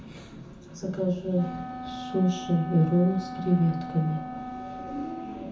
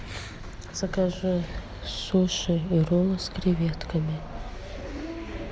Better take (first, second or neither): second